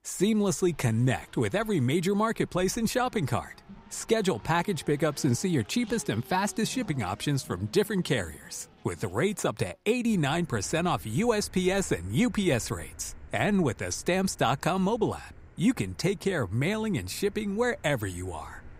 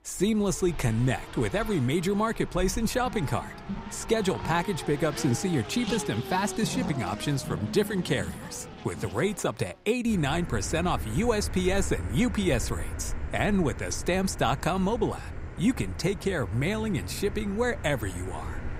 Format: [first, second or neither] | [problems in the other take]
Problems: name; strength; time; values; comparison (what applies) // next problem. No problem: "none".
first | traffic noise; loud; throughout; 10 dB below the speech; faint in the first